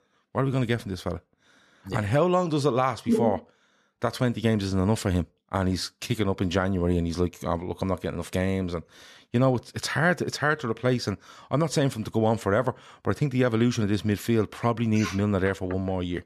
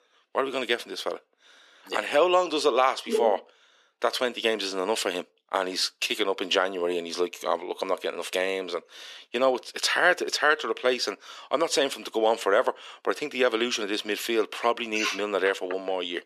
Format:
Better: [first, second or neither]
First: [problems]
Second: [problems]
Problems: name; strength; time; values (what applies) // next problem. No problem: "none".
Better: first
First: none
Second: thin; very; fading below 350 Hz